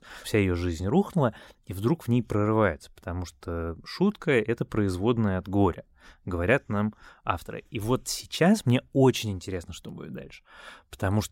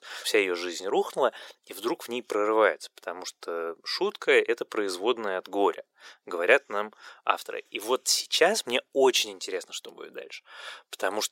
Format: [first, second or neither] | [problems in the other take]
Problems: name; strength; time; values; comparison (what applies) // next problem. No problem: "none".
first | thin; very; fading below 400 Hz